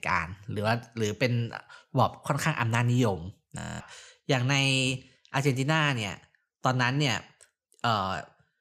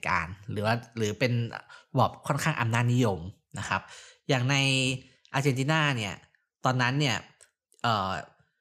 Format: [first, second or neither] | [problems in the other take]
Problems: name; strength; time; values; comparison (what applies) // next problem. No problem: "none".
second | audio freezing; at 3.5 s